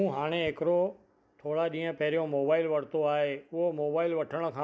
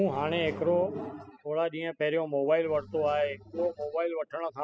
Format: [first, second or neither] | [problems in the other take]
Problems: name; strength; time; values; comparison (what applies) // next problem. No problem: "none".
first | noise reduction (classical method spectral subtraction)